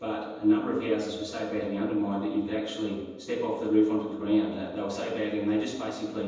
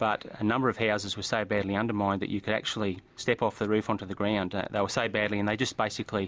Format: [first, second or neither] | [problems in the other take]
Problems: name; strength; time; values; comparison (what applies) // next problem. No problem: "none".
second | room echo; dies away in 1.1 s